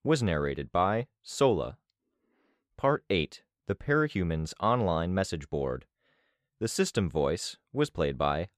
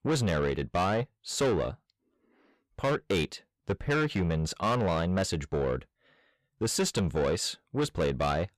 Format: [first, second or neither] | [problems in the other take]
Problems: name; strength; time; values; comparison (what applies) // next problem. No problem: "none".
first | distortion; heavy; 7 dB below the speech